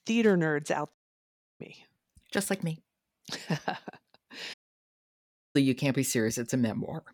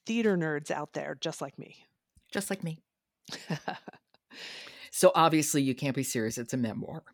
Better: second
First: audio cutting out; at 1 s for 0.5 s and at 4.5 s for 1 s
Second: none

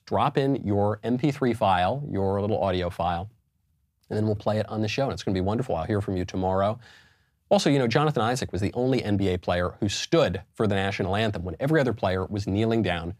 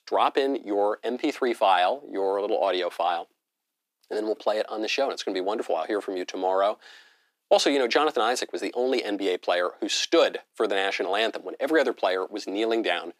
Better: first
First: none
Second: thin; somewhat; fading below 300 Hz

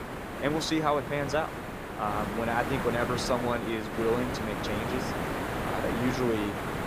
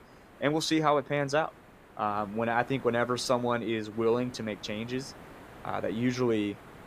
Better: second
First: hiss; loud; throughout; 3 dB below the speech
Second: hiss; faint; throughout; 20 dB below the speech

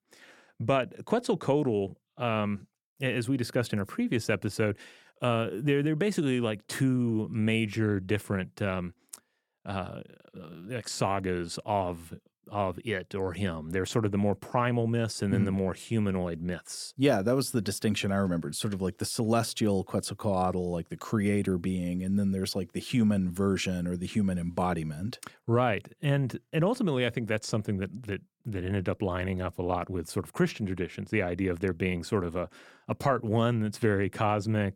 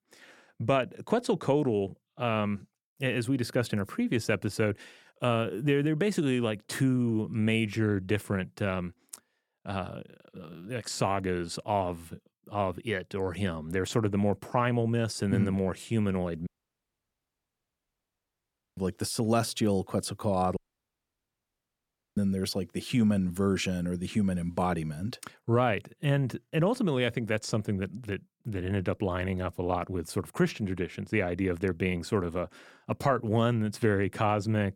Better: first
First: none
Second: audio cutting out; at 16 s for 2.5 s and at 21 s for 1.5 s

